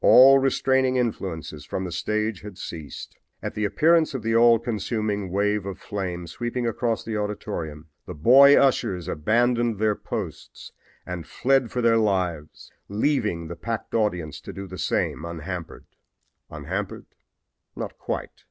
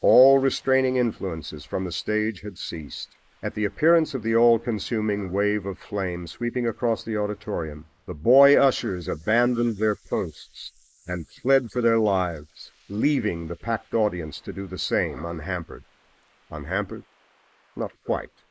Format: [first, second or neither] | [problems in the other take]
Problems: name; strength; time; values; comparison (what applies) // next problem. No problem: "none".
first | noise reduction (neural mask model Resemble Enhance denoiser)